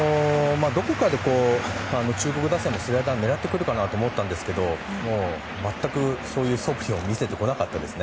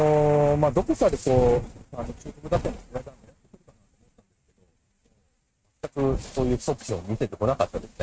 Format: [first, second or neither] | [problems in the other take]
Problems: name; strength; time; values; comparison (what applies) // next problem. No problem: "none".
first | noise reduction (neural mask model RNNoise)